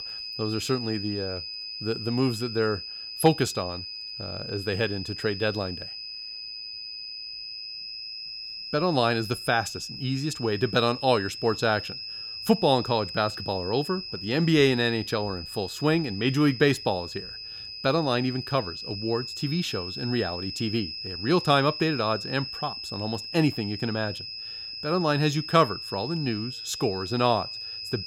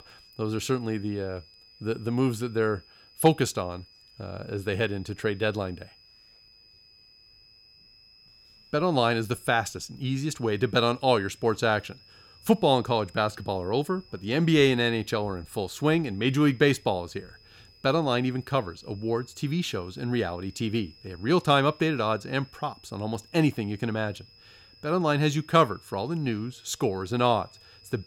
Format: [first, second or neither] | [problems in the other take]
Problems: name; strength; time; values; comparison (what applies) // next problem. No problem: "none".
second | high-pitched whine; loud; throughout; 5 kHz, 8 dB below the speech; faint in the second